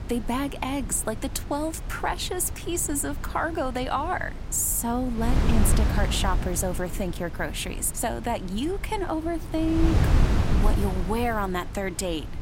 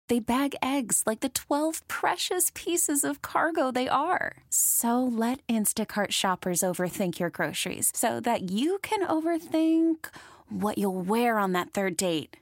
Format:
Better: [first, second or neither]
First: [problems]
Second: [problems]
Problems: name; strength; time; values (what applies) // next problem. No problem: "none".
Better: second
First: wind noise on the microphone; heavy; 9 dB below the speech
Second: none